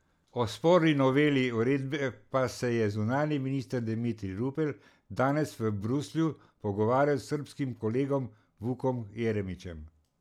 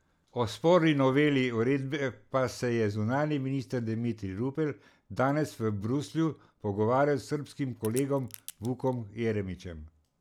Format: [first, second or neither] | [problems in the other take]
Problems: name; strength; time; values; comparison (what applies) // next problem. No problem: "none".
first | background sound (Crack); 18 dB below the speech